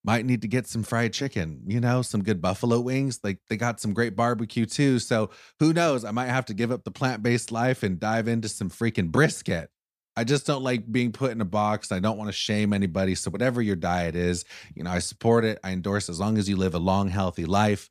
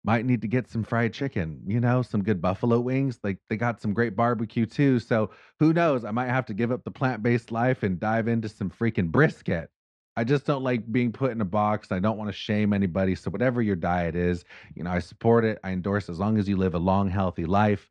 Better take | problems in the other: first | muffled; slightly; fading above 2.5 kHz

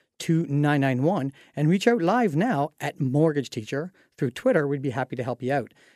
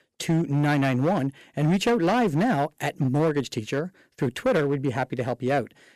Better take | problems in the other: first | distortion; slight; 10% of the sound clipped

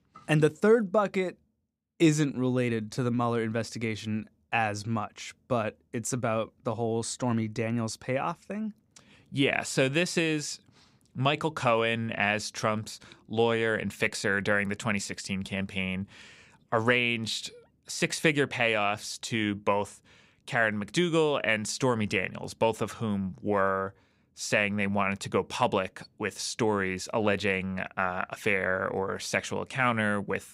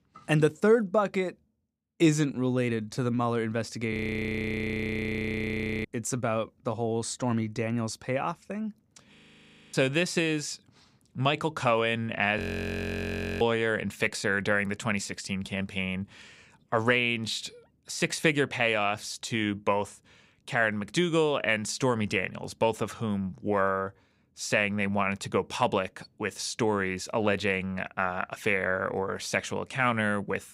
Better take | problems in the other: first | audio freezing; at 4 s for 2 s, at 9 s for 0.5 s and at 12 s for 1 s

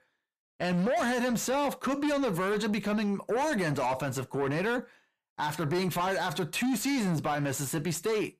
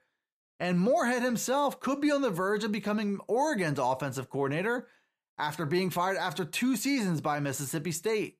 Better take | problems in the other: second | distortion; slight; 10 dB below the speech

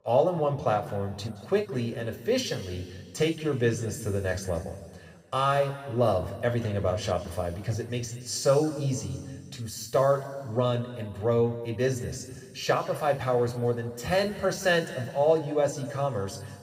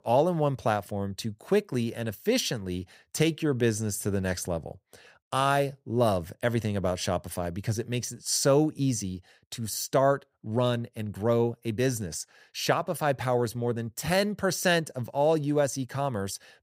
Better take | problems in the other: second | room echo; noticeable; dies away in 2 s // off-mic speech; somewhat distant

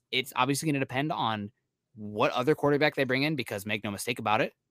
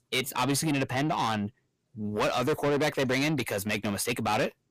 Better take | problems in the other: first | distortion; heavy; 6 dB below the speech

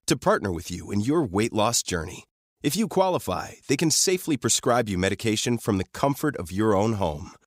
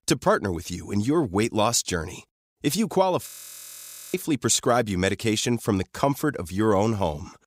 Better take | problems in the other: first | audio freezing; at 3.5 s for 1 s

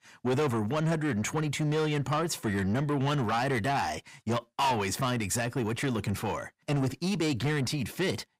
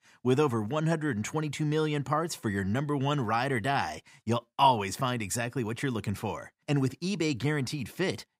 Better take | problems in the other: second | distortion; heavy; 8 dB below the speech

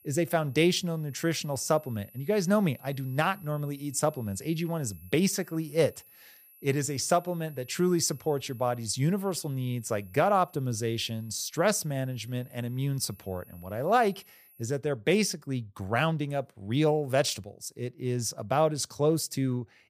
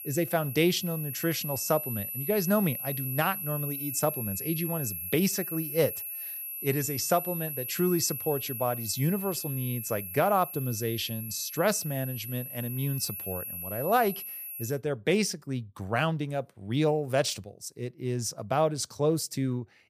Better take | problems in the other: first | high-pitched whine; loud; until 15 s; 12 kHz, 5 dB below the speech; faint in the first

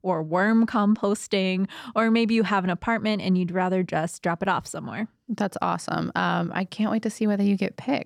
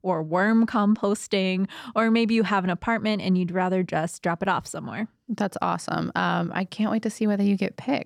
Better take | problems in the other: neither | none

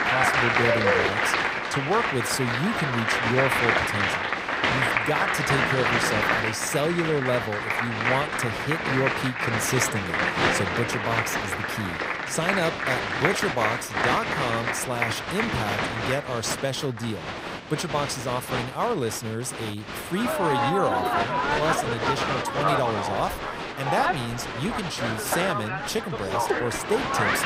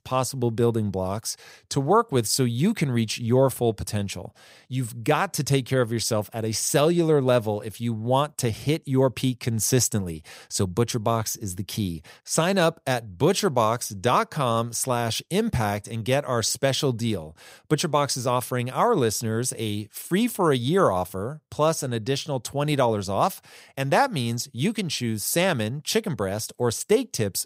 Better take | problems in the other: second | crowd noise; very loud; throughout; 3 dB above the speech

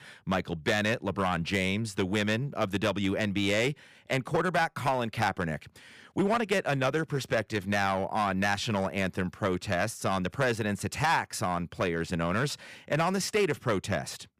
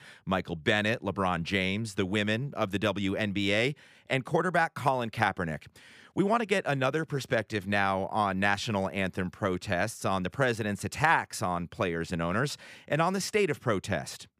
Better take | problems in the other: second | distortion; slight; 4% of the sound clipped

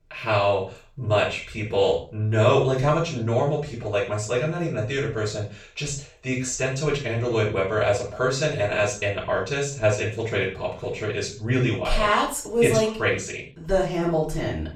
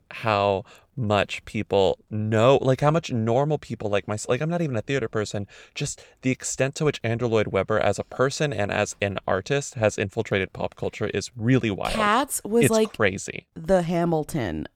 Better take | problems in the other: second | room echo; noticeable; dies away in 0.3 s // off-mic speech; far

